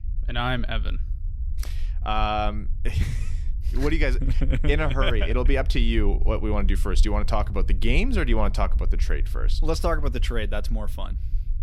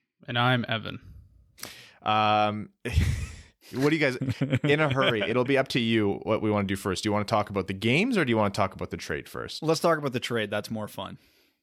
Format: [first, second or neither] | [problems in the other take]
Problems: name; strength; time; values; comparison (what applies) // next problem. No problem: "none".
second | low rumble; faint; throughout; 20 dB below the speech